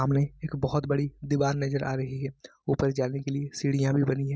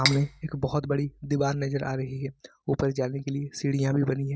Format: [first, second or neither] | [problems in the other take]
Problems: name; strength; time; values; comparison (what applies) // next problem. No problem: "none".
first | background sound (Cutlery, silverware); 3 dB below the speech